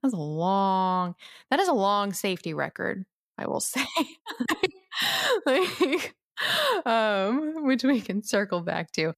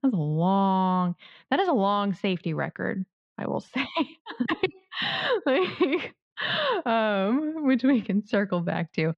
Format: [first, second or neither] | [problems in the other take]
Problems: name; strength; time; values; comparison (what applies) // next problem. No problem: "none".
first | muffled; slightly; fading above 3.5 kHz